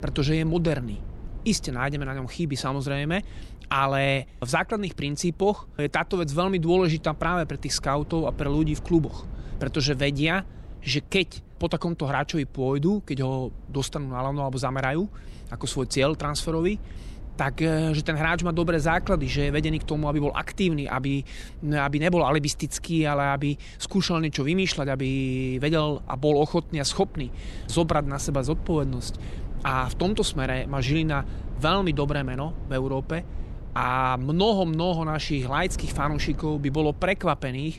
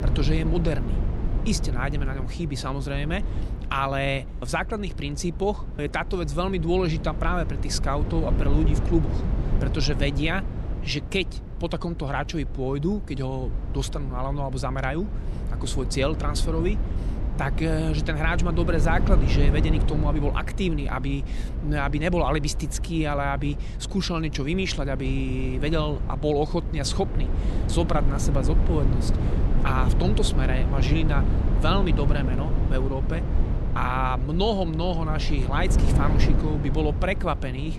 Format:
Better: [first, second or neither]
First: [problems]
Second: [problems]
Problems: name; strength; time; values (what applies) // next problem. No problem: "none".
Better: first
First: low rumble; faint; throughout; 25 dB below the speech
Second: low rumble; loud; throughout; 9 dB below the speech